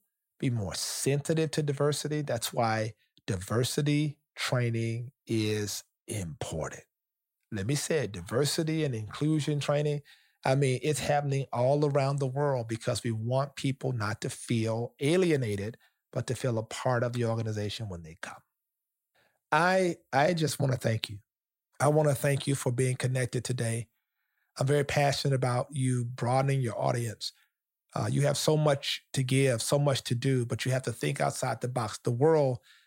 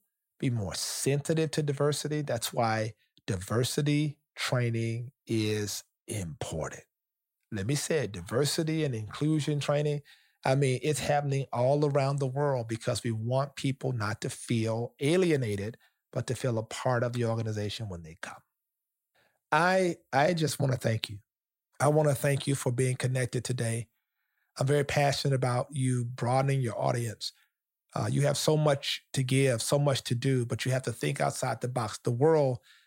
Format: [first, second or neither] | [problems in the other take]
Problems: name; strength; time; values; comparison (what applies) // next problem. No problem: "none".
neither | none